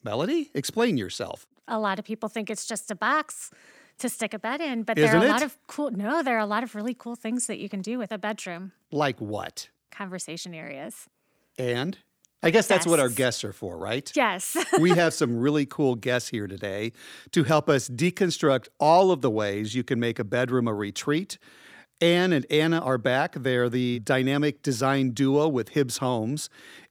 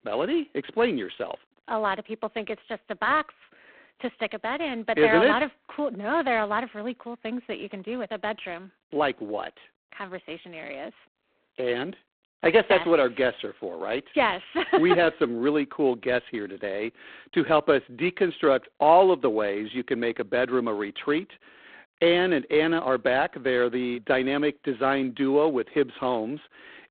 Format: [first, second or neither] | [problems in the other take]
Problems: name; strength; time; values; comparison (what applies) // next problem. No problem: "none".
first | phone-call audio; poor line; nothing above 3.5 kHz